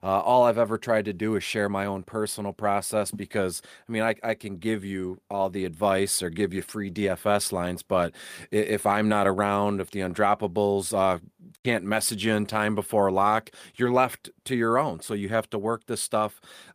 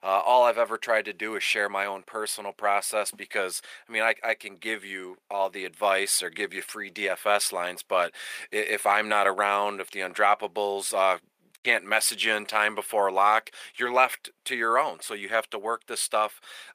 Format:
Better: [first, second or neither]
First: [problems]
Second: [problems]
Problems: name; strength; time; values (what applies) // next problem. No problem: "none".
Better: first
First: none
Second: thin; very; fading below 600 Hz